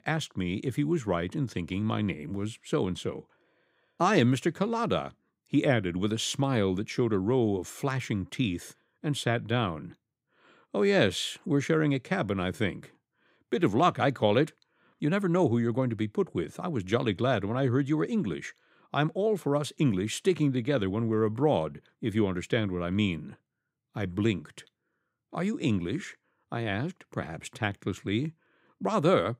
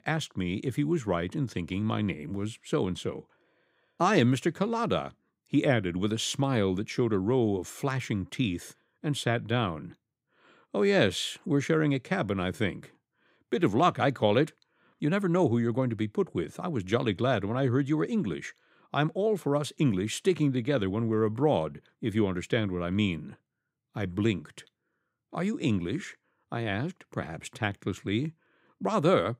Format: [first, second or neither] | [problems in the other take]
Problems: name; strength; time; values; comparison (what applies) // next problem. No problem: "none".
neither | none